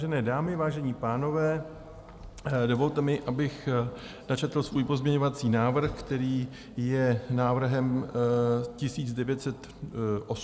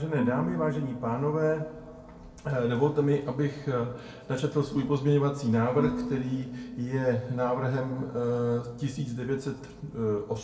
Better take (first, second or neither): first